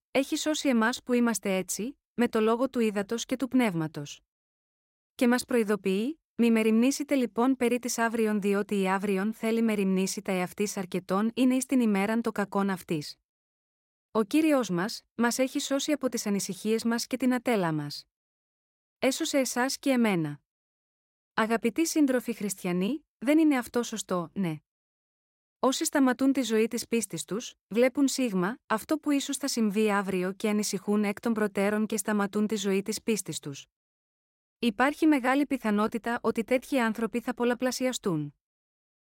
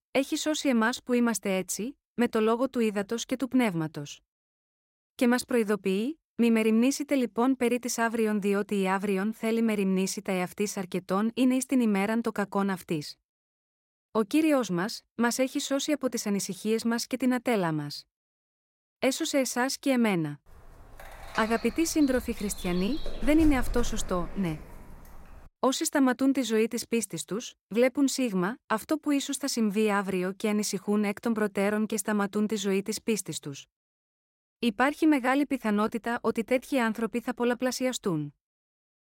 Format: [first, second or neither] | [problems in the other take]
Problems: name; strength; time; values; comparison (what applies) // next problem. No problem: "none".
first | dog barking; noticeable; from 21 to 24 s; peak 8 dB below the speech